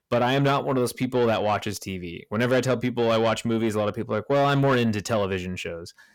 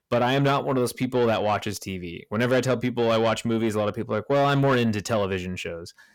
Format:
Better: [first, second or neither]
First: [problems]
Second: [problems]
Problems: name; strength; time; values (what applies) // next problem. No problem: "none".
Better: neither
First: distortion; slight; 10 dB below the speech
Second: distortion; slight; 10 dB below the speech